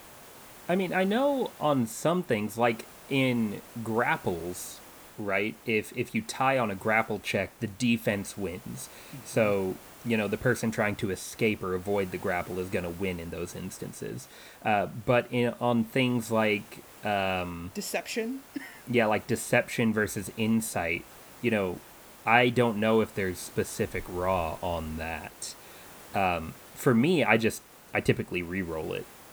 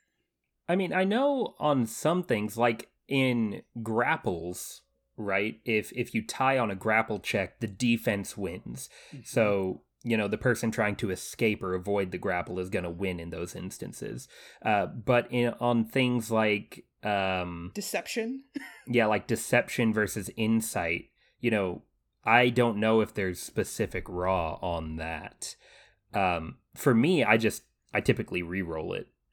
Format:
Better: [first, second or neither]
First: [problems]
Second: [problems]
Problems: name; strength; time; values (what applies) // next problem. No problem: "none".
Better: second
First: hiss; faint; throughout; 20 dB below the speech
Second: none